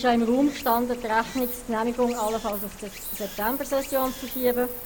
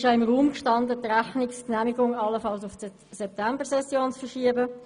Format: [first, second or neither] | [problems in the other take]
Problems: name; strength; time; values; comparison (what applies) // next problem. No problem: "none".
second | background sound (Stream); 11 dB below the speech